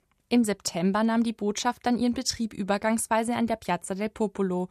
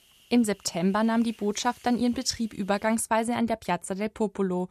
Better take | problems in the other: first | hiss; faint; until 3 s; 25 dB below the speech

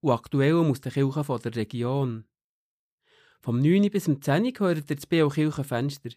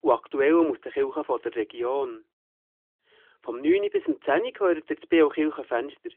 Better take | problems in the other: first | phone-call audio; nothing above 3.5 kHz

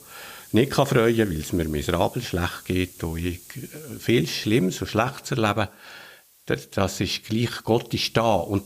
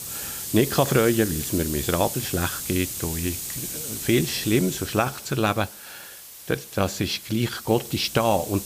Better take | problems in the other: first | hiss; loud; throughout; 7 dB below the speech; faint in the first

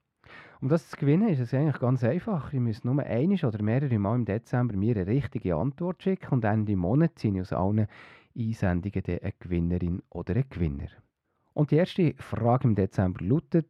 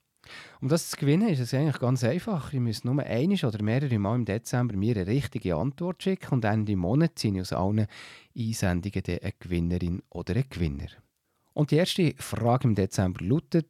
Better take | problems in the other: second | muffled; very; fading above 3.5 kHz

